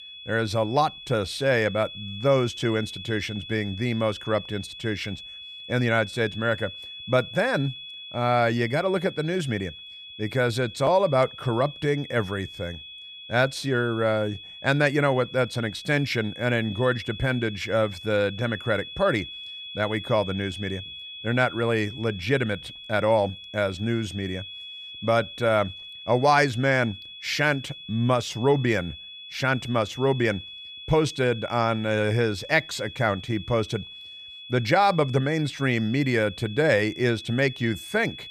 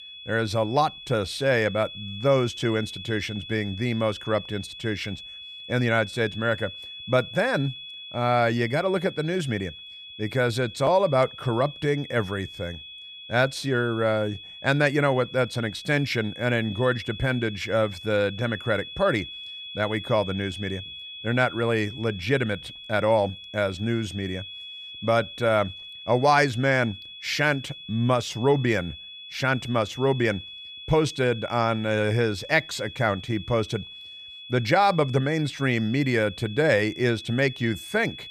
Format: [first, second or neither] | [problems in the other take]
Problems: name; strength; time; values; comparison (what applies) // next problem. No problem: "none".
neither | high-pitched whine; noticeable; throughout; 3.5 kHz, 15 dB below the speech; the same in both